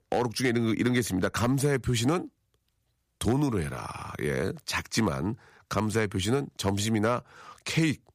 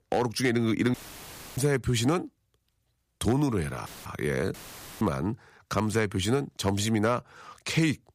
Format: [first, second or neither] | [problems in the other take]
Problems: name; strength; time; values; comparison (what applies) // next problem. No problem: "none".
first | audio cutting out; filled with static; at 1 s for 0.5 s, at 4 s and at 4.5 s